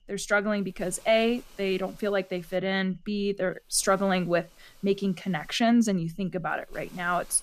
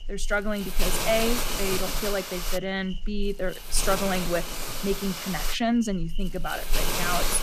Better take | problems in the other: first | hiss; loud; throughout; 2 dB below the speech; faint in the first

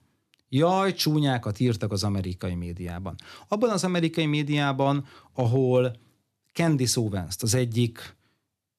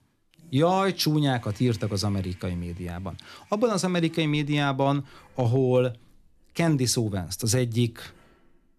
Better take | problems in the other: first | household noises; faint; throughout; 30 dB below the speech

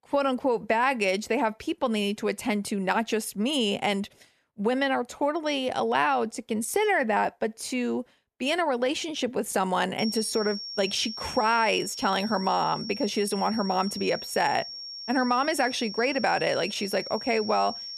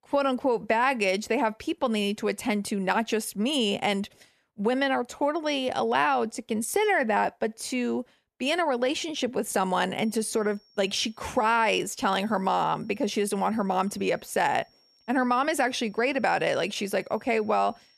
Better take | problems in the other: second | high-pitched whine; loud; from 10 s on; 5.5 kHz, 9 dB below the speech; faint in the second

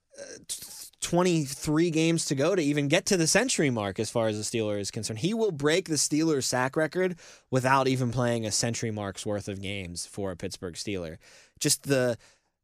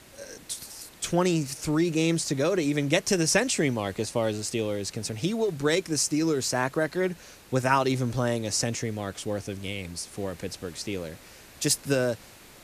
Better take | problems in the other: first | hiss; faint; throughout; 25 dB below the speech

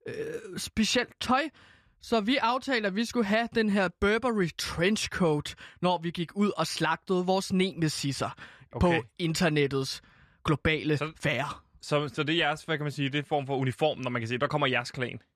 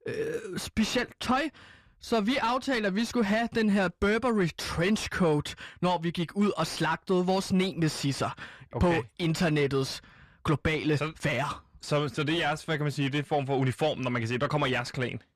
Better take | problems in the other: first | distortion; slight; 10 dB below the speech

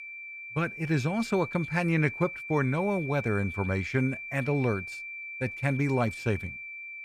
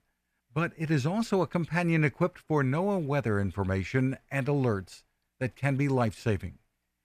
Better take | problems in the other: second | high-pitched whine; loud; throughout; 2.5 kHz, 8 dB below the speech

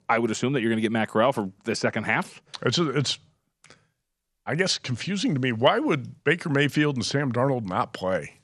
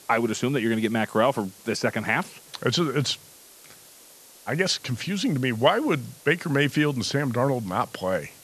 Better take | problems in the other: first | hiss; faint; throughout; 20 dB below the speech

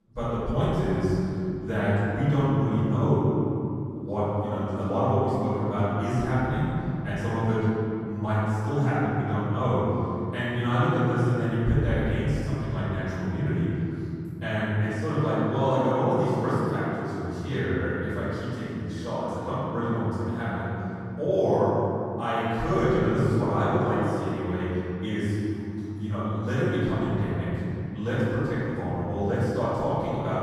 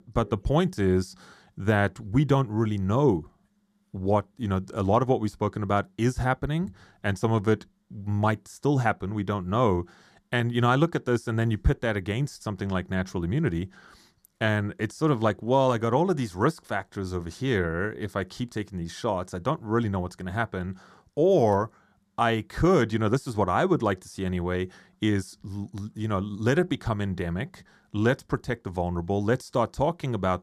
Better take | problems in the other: second | room echo; strong; dies away in 3 s // off-mic speech; far

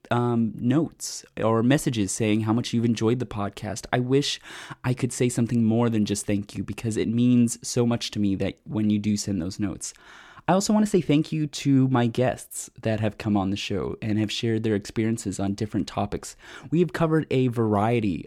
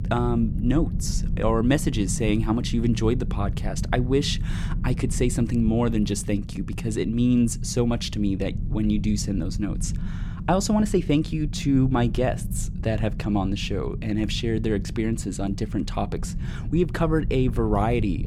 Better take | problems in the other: first | low rumble; noticeable; throughout; 15 dB below the speech

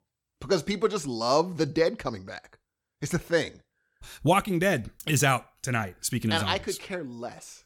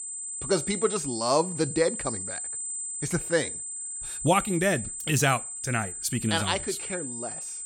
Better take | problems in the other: first | high-pitched whine; loud; throughout; 8 kHz, 5 dB below the speech

